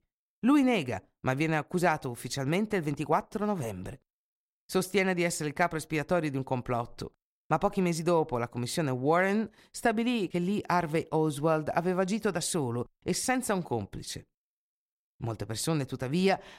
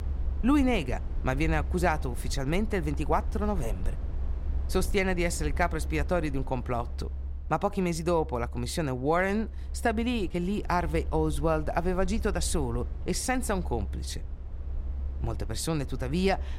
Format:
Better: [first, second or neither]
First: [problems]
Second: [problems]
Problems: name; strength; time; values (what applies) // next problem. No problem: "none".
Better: first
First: none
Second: low rumble; faint; throughout; 20 dB below the speech